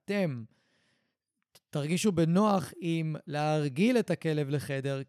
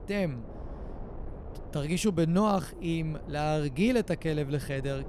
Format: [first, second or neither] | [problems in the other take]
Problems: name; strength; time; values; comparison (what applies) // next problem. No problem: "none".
first | wind noise on the microphone; occasional gusts; 20 dB below the speech